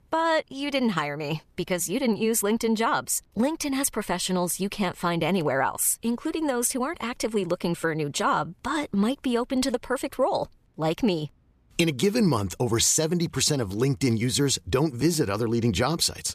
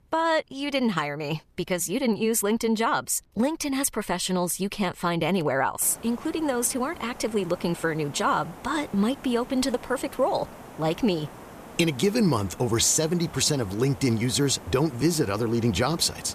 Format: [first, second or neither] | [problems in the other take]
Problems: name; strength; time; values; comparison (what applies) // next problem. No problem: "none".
first | hiss; noticeable; from 6 s on; 20 dB below the speech